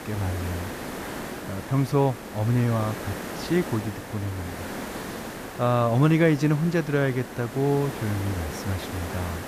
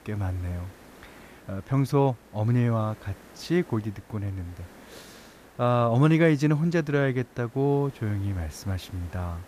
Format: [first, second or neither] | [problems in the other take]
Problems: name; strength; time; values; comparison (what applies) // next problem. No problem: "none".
second | hiss; loud; throughout; 10 dB below the speech; faint in the second